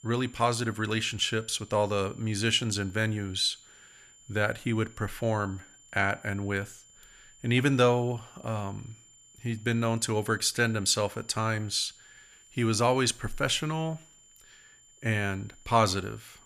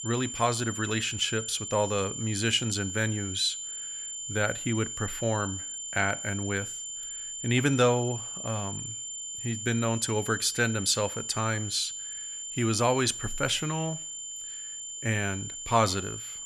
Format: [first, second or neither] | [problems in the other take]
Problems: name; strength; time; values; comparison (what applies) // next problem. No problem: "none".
first | high-pitched whine; loud; throughout; 7 kHz, 6 dB below the speech; faint in the first